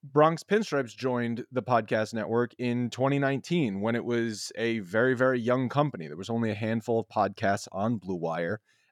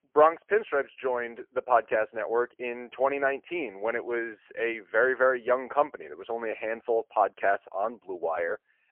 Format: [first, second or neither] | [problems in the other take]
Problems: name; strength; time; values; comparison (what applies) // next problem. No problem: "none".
first | phone-call audio; poor line